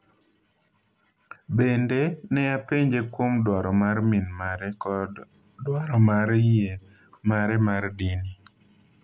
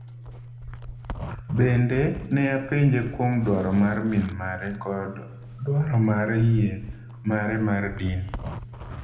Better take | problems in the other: first | background sound (Zipper (clothing)); 13 dB below the speech // room echo; dies away in 0.7 s

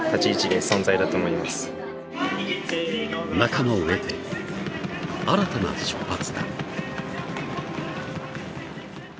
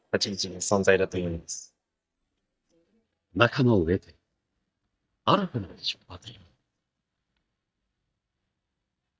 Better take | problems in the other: first | noise reduction (neural mask model DeepFilterNet 3)

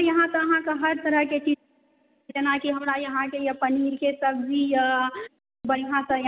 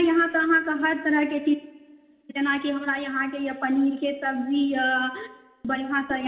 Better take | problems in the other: first | room echo; dies away in 1.1 s

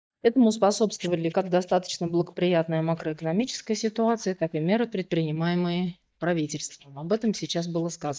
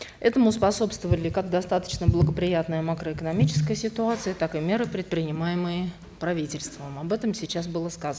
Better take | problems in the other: second | noise reduction (neural mask model DeepFilterNet 3)

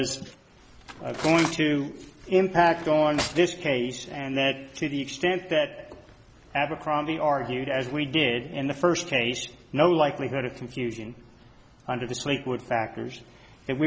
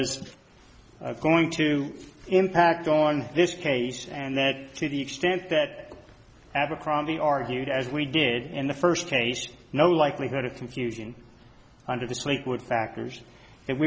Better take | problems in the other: second | background sound (Cutlery, silverware); 11 dB below the speech

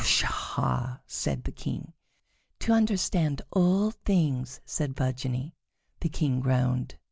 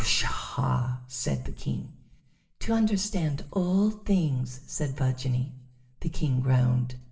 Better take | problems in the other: first | room echo; dies away in 0.7 s

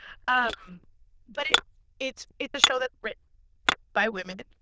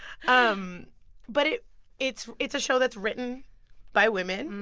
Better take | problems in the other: second | noise reduction (neural diffusion model UNIVERSE++)

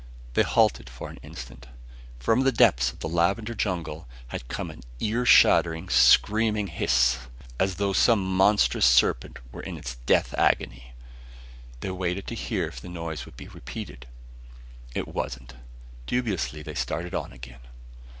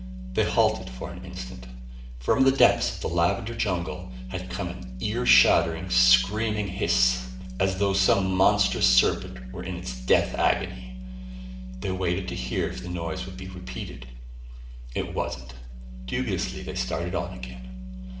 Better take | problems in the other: first | background sound (Organ); 14 dB below the speech // room echo; dies away in 0.6 s

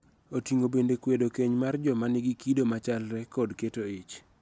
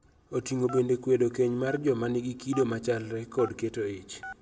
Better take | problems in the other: first | background sound (Telephone); 18 dB below the speech // room echo; dies away in 0.8 s

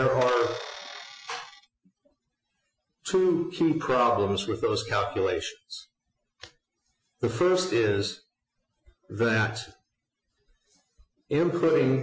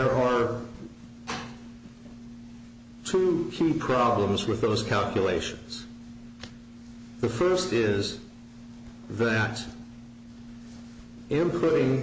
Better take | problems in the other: second | noise reduction (classical method Wiener filter)

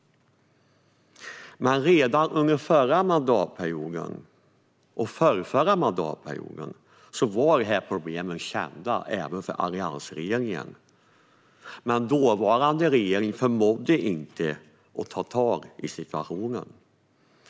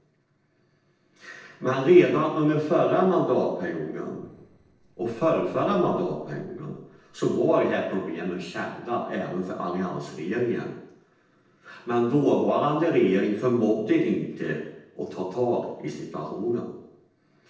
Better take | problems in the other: first | noise reduction (neural separator model SepFormer DNS4)

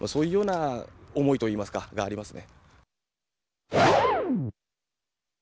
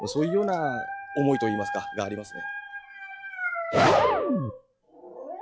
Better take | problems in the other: first | noise reduction (classical method log-MMSE)

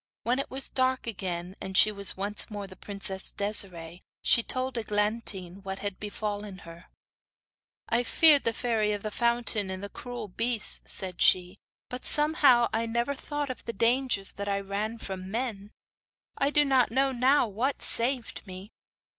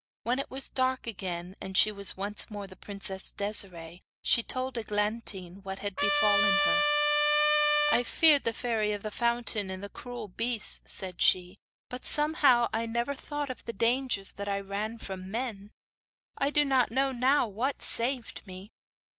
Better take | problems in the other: first | background sound (Trumpet); 4 dB above the speech

